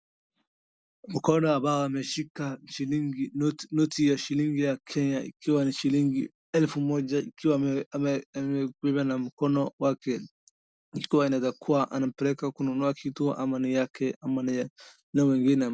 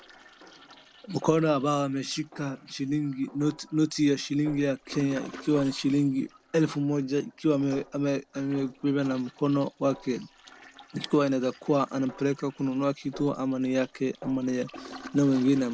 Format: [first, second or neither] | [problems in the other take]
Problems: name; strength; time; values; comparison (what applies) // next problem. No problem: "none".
first | background sound (Toilet flush + Snare drum); 20 dB below the speech